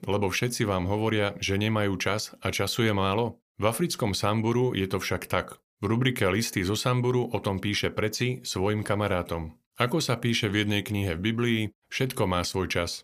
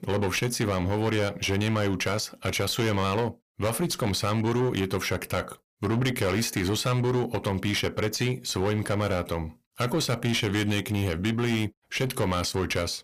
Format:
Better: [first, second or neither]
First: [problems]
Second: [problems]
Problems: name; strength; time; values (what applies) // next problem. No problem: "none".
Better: first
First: none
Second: distortion; slight; 17% of the sound clipped